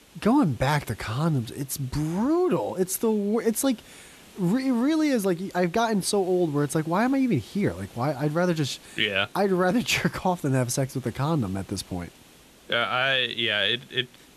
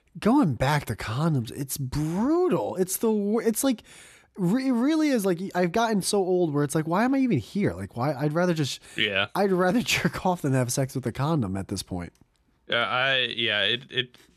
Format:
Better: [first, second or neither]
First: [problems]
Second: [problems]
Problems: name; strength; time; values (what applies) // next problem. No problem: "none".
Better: second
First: hiss; faint; throughout; 25 dB below the speech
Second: none